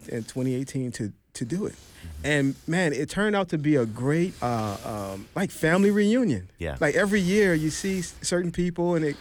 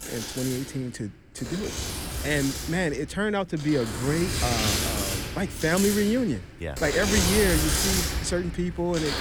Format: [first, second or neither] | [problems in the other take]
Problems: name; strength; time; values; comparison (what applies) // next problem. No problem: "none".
first | household noises; loud; throughout; as loud as the speech; faint in the first